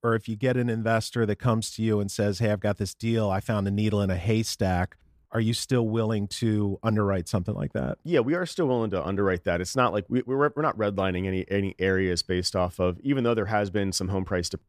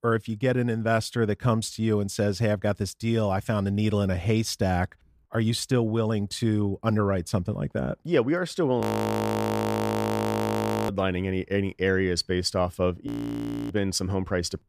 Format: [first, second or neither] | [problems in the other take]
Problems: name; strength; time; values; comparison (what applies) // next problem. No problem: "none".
first | audio freezing; at 9 s for 2 s and at 13 s for 0.5 s